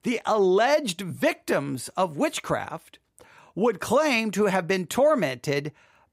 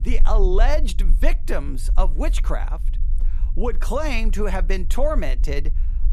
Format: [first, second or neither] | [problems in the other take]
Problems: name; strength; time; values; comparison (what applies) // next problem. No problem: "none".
first | low rumble; faint; throughout; 20 dB below the speech